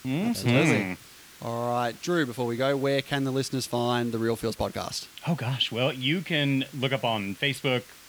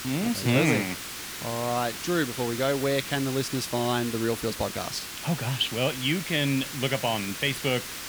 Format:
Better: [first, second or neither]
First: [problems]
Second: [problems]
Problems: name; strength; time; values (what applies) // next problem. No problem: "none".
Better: first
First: hiss; faint; throughout; 20 dB below the speech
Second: hiss; loud; throughout; 7 dB below the speech